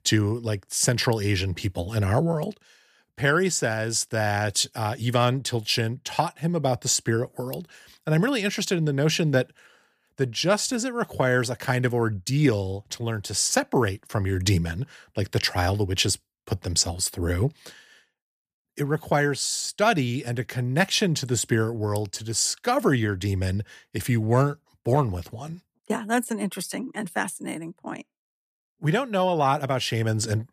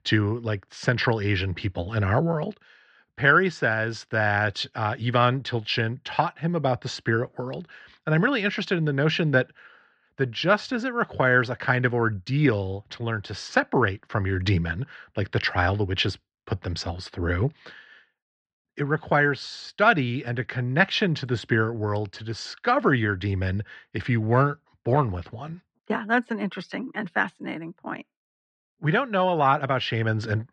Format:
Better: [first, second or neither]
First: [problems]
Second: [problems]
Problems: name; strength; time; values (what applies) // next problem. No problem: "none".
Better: first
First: none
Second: muffled; slightly; fading above 4 kHz